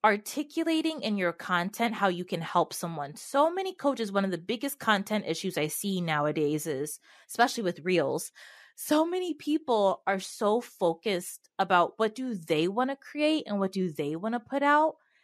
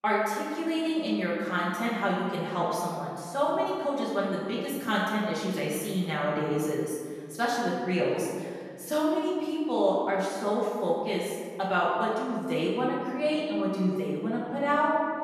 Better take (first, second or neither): first